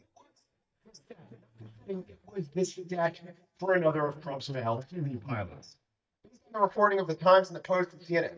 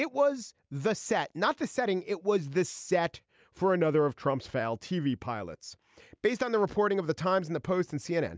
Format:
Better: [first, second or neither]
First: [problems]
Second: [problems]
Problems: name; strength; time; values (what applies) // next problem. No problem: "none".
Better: second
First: noise reduction (neural mask model DeepFilterNet 3)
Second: none